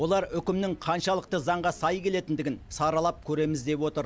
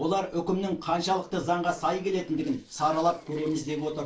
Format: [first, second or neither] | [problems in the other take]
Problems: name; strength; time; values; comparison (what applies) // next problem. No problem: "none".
first | noise reduction (neural separator model SepFormer DNS4)